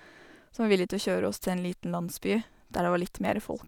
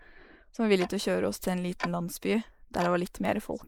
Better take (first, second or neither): first